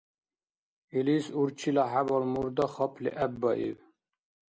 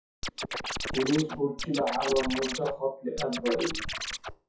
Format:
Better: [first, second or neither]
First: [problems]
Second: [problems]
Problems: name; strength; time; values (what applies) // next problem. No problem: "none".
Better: first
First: none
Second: noise reduction (classical method WPE with log-MMSE)